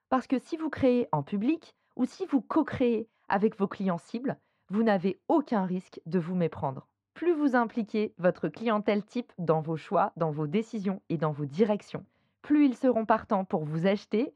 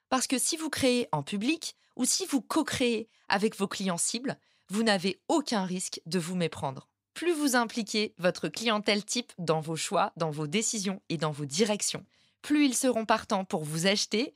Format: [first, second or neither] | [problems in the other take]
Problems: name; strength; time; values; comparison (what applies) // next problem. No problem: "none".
second | muffled; very; fading above 4 kHz